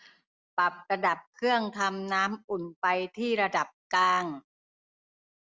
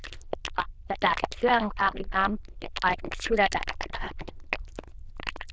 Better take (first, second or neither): first